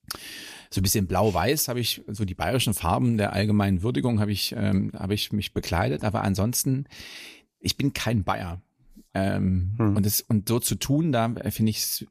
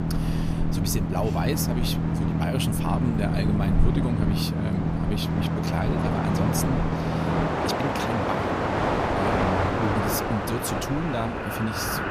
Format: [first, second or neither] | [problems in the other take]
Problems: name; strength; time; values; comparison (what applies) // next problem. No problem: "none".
first | train or aircraft noise; very loud; throughout; 4 dB above the speech